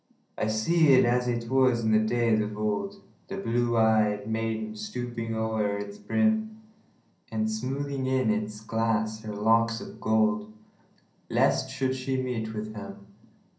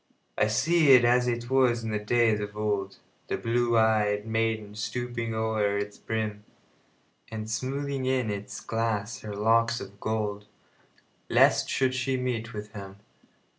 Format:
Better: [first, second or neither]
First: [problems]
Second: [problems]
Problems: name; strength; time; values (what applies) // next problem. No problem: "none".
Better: second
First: room echo; dies away in 0.6 s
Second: none